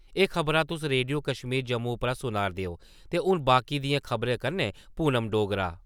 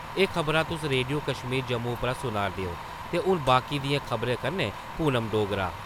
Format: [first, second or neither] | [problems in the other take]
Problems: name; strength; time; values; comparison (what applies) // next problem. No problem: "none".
first | background sound (Truck + Fire); 10 dB below the speech